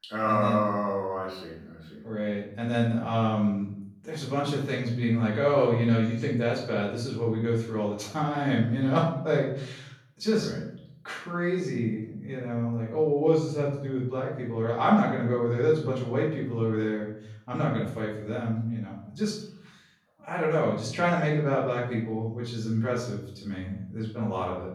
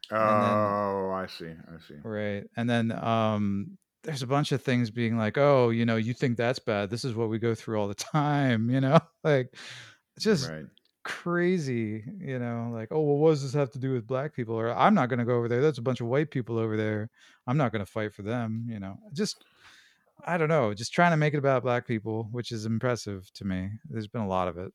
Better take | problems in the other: second | off-mic speech; far // room echo; noticeable; dies away in 0.6 s

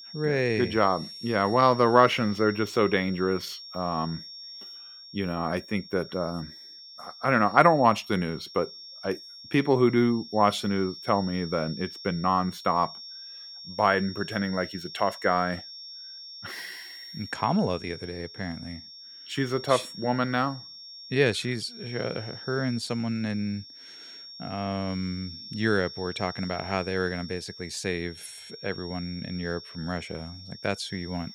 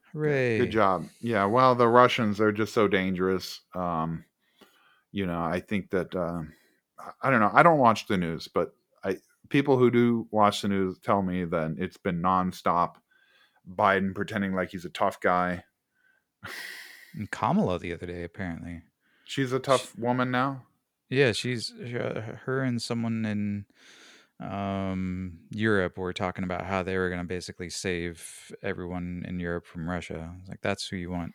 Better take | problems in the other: second | high-pitched whine; noticeable; throughout; 5.5 kHz, 15 dB below the speech

